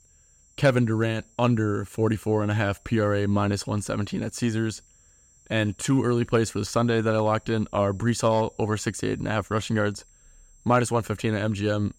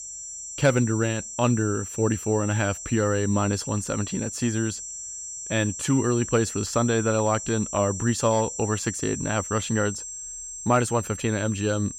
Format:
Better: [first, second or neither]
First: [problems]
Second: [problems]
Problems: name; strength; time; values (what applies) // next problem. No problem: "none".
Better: first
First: high-pitched whine; faint; throughout; 7.5 kHz, 30 dB below the speech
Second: high-pitched whine; loud; throughout; 7.5 kHz, 8 dB below the speech